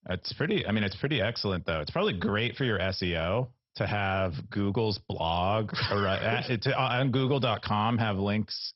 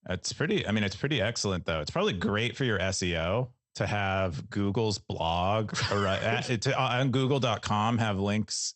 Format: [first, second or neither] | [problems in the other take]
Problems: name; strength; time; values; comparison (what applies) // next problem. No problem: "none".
second | garbled, watery; badly; nothing above 5.5 kHz; slightly in the second